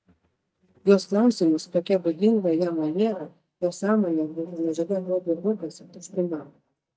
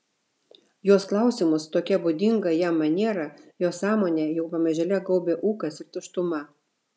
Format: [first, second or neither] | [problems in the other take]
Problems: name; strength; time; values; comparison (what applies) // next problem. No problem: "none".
second | noise reduction (neural mask model DeepFilterNet 3)